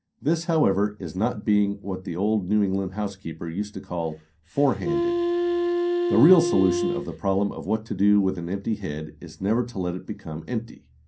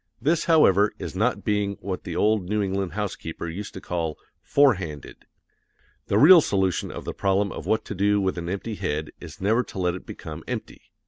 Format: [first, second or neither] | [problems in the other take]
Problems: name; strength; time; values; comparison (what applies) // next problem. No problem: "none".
second | background sound (Wind instrument, woodwind instrument); 1 dB below the speech // room echo; dies away in 0.3 s